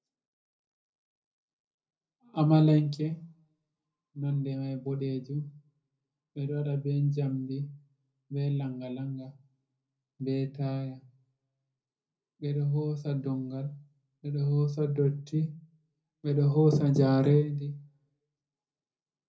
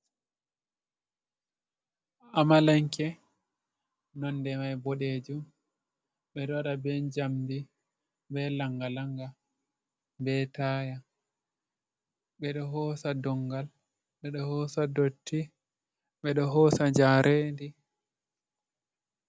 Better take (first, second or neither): second